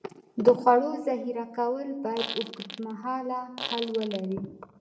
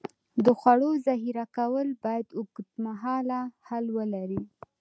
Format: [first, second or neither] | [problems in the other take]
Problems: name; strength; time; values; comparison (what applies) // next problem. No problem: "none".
second | background sound (Fart); 11 dB below the speech // room echo; dies away in 0.7 s